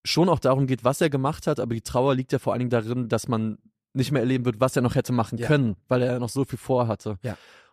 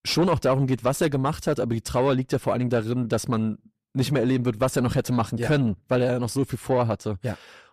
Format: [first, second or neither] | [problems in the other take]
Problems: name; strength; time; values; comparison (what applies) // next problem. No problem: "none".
first | distortion; slight; 10 dB below the speech